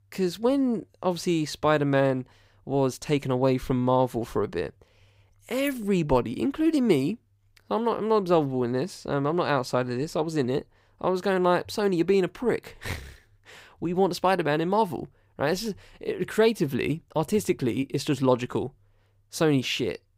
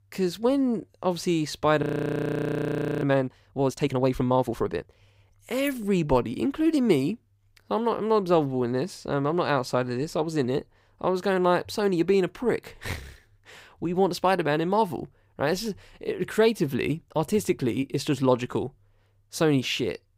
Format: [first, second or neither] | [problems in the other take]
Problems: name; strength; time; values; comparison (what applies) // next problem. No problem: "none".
first | audio freezing; at 2 s for 1 s